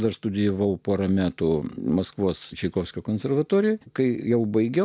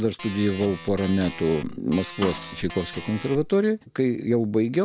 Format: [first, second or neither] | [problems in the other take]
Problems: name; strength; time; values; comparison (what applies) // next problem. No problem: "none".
first | background sound (Snare drum + Organ); 13 dB below the speech